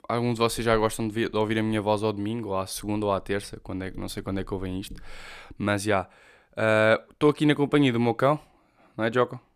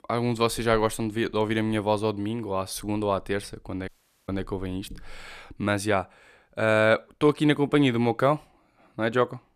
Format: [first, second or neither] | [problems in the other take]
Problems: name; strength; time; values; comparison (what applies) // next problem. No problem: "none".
first | audio cutting out; at 4 s